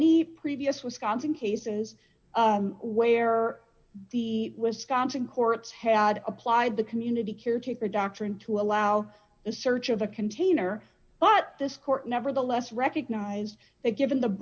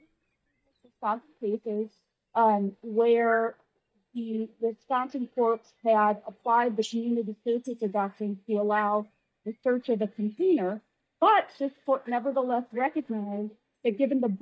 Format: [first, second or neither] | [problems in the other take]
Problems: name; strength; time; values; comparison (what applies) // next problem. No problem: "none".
first | noise reduction (neural mask model DeepFilterNet 3)